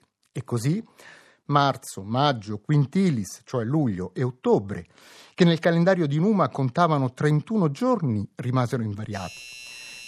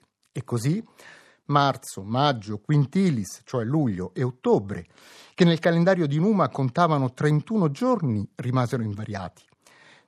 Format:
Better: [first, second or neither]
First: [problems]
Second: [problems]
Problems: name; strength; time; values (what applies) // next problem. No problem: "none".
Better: second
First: doorbell; faint; from 9 s on; peak 15 dB below the speech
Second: none